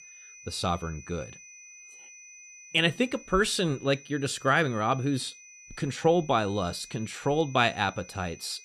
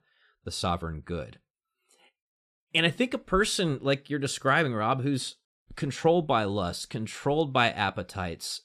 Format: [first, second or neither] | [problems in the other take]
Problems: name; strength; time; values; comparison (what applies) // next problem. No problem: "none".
second | high-pitched whine; noticeable; throughout; 6 kHz, 20 dB below the speech